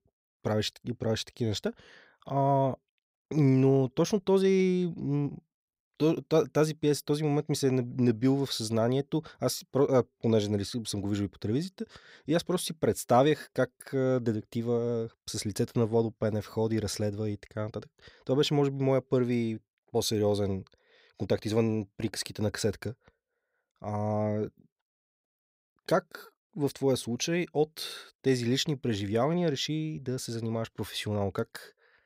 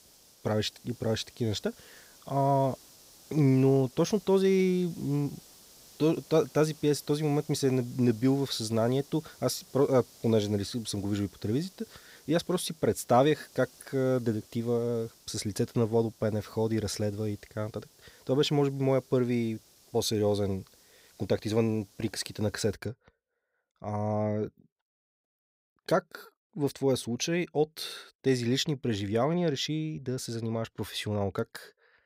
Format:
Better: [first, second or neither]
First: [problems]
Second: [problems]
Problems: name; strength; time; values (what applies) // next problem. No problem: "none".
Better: first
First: none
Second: hiss; faint; until 23 s; 25 dB below the speech